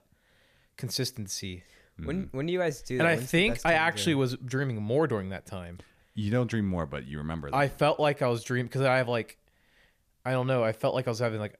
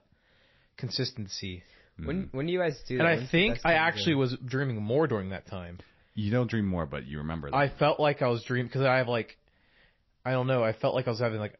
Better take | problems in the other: first | garbled, watery; slightly; nothing above 5.5 kHz

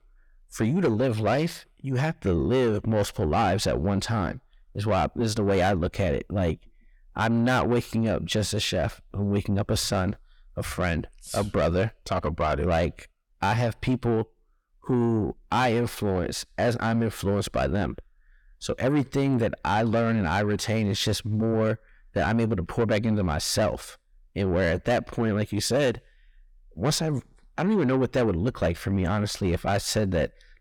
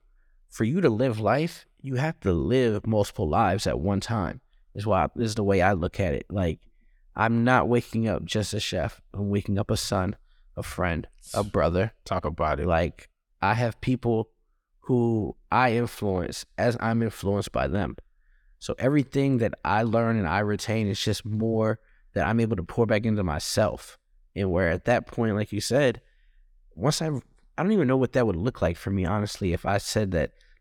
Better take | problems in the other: second | distortion; slight; 10 dB below the speech

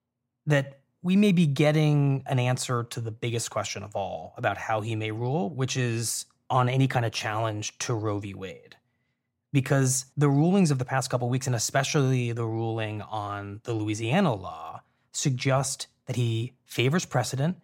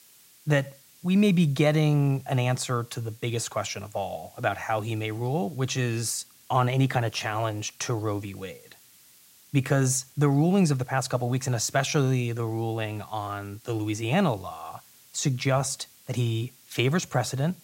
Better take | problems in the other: first | hiss; faint; throughout; 25 dB below the speech

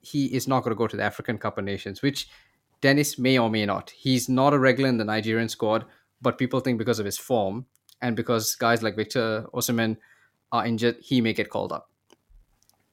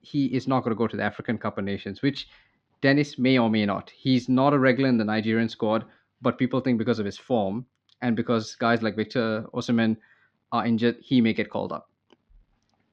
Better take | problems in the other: first | muffled; very slightly; fading above 4.5 kHz

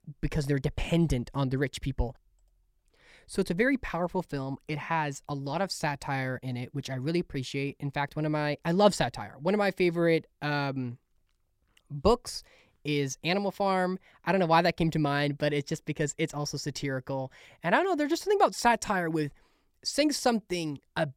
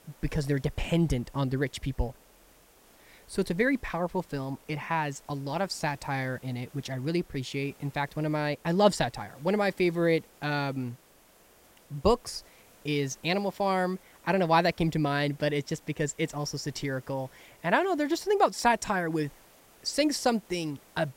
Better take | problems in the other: first | hiss; faint; throughout; 25 dB below the speech

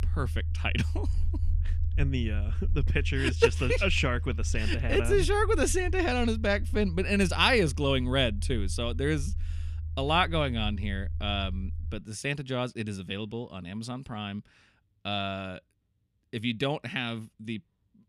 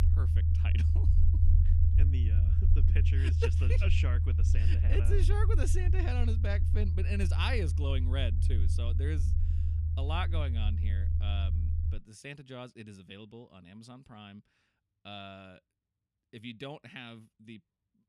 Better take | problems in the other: first | low rumble; loud; until 12 s; 5 dB below the speech; faint in the first

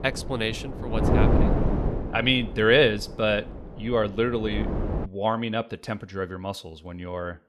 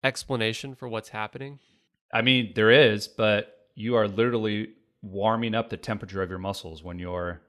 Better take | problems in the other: second | wind noise on the microphone; heavy; until 5 s; 7 dB below the speech

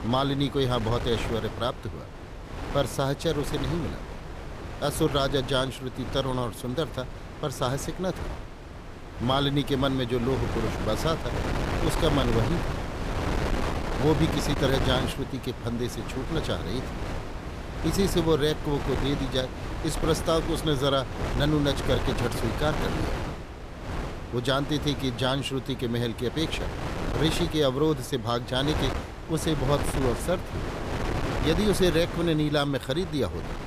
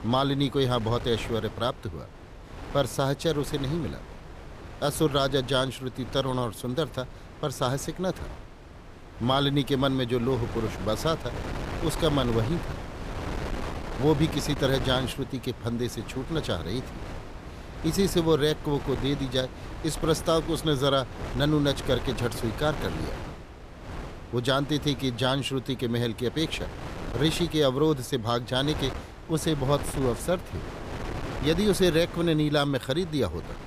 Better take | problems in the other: second | wind noise on the microphone; heavy; 6 dB below the speech; occasional gusts in the second

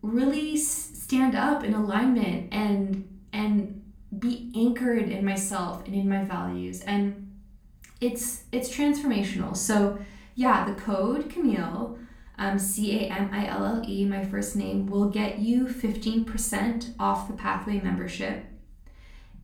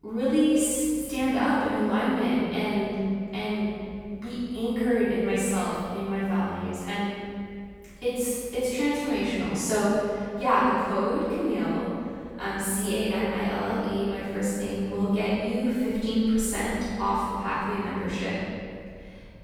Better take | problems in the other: first | room echo; strong; dies away in 2 s; slight in the first // off-mic speech; far; far in the first

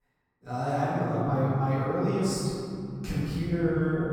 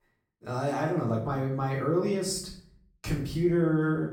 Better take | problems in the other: second | room echo; strong; dies away in 3 s; slight in the second // off-mic speech; far; far in the second

